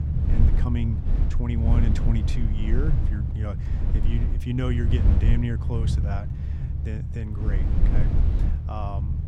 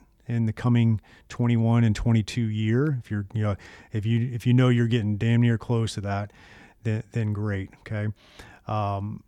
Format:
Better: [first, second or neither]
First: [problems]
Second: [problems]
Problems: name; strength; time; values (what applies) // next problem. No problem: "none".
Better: second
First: low rumble; loud; throughout; 3 dB below the speech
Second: none